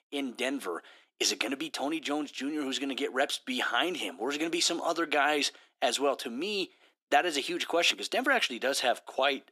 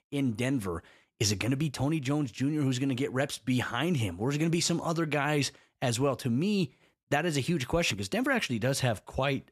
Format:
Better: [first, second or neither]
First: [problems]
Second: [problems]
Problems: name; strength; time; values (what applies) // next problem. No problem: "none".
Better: second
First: thin; somewhat; fading below 300 Hz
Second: none